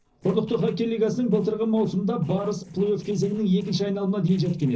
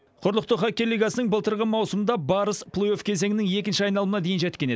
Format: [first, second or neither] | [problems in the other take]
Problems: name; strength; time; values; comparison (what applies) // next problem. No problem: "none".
second | noise reduction (neural separator model SepFormer DNS4)